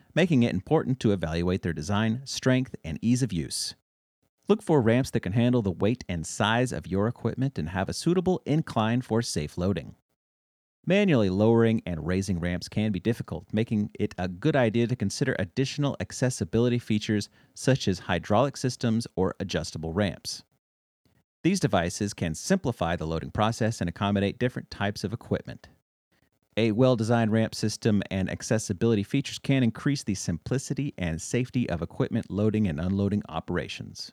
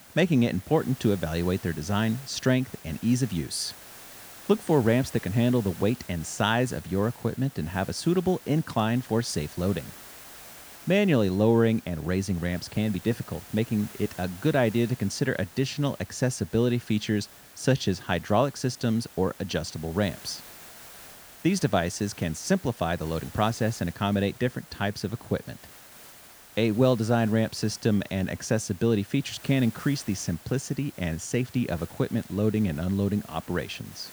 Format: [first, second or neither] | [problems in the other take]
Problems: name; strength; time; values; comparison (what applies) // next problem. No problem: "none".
first | hiss; noticeable; throughout; 20 dB below the speech